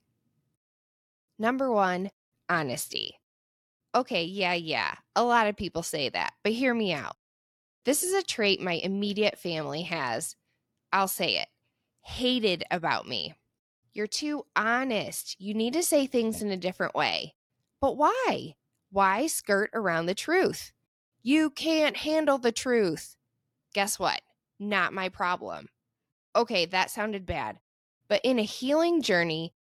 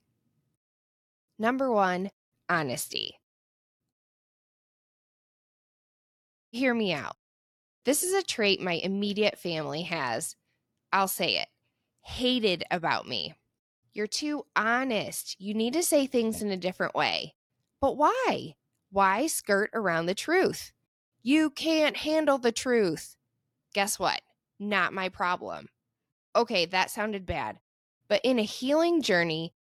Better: first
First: none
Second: audio cutting out; at 4 s for 2.5 s

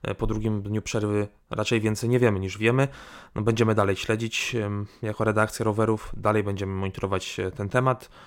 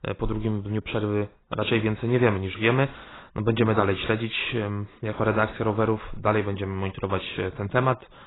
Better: first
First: none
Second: garbled, watery; badly; nothing above 4 kHz

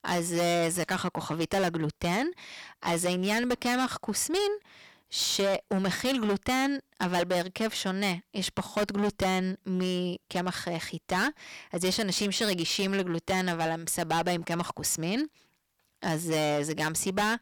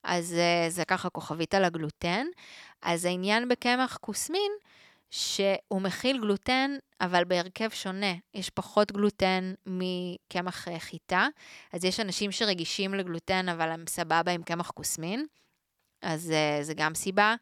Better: second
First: distortion; heavy; 14% of the sound clipped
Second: none

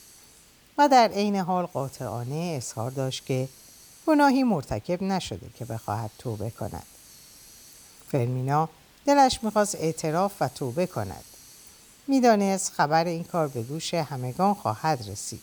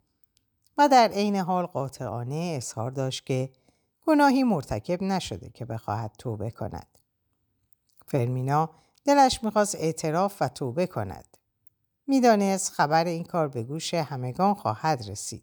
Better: second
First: hiss; faint; throughout; 25 dB below the speech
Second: none

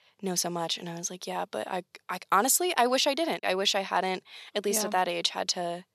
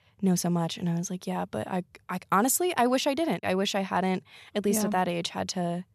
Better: second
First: thin; somewhat; fading below 350 Hz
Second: none

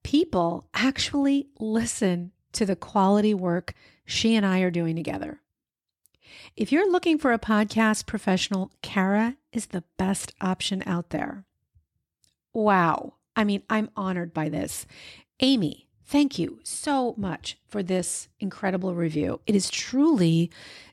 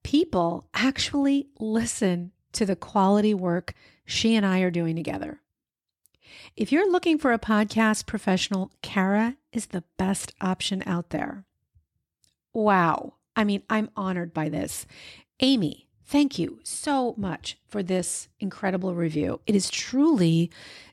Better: neither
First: none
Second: none

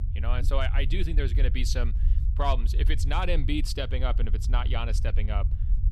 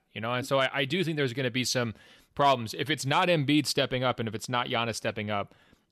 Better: second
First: low rumble; noticeable; throughout; 15 dB below the speech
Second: none

